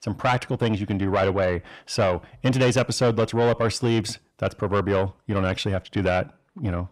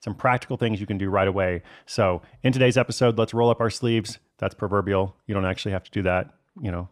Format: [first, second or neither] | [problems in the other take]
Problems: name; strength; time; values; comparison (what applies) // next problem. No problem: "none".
second | distortion; slight; 10 dB below the speech